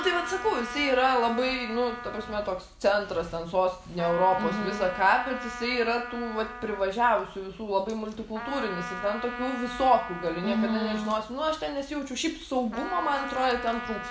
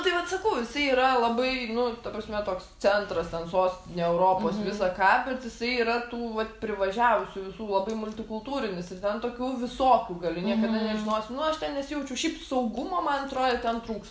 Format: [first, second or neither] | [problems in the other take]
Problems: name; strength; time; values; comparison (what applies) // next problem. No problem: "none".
second | background sound (Trumpet); 11 dB below the speech